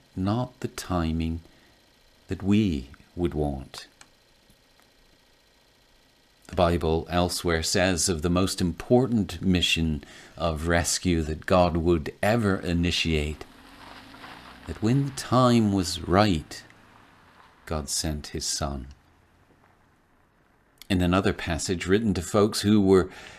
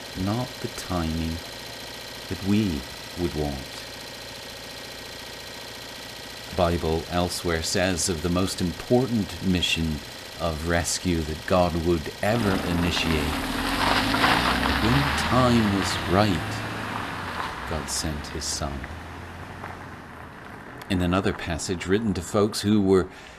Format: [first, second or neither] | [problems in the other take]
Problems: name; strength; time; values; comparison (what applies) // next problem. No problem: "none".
first | traffic noise; loud; throughout; 5 dB below the speech; faint in the first